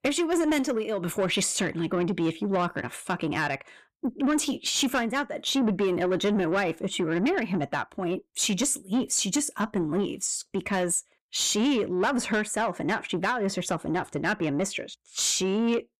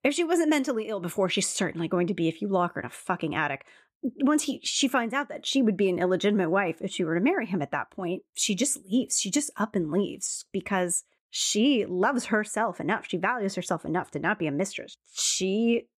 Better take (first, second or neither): second